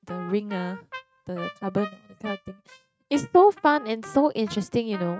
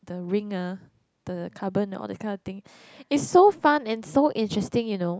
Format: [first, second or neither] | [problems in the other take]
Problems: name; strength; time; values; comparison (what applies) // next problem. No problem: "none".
second | noise reduction (neural mask model RNNoise)